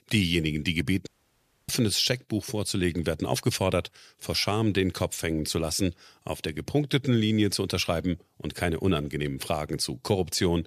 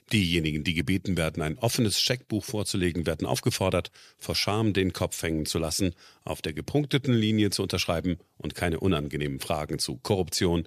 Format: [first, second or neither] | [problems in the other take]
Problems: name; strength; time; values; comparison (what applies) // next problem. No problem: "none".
second | audio cutting out; at 1 s for 0.5 s